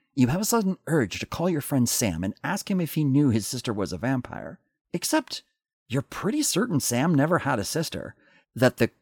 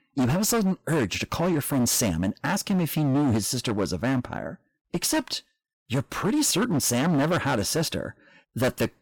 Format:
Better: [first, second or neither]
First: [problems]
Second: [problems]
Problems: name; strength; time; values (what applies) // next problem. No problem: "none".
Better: first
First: none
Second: distortion; heavy; 14% of the sound clipped